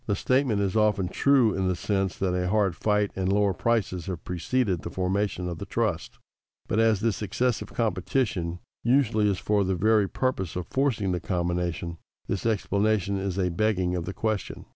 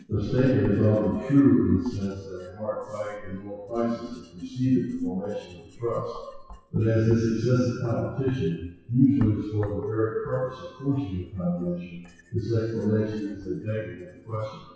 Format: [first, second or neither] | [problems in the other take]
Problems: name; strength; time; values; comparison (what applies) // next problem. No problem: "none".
first | noise reduction (classical method WPE with log-MMSE)